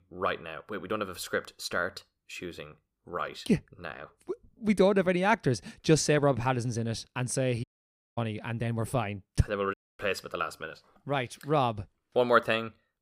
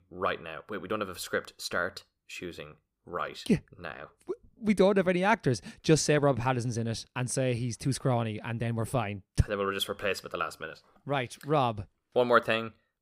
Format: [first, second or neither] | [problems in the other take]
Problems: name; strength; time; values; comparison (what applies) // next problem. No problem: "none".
second | audio cutting out; at 7.5 s for 0.5 s and at 9.5 s